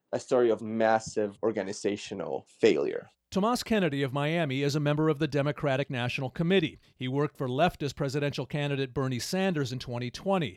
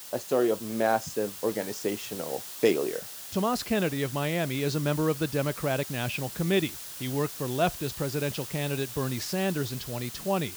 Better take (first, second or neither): first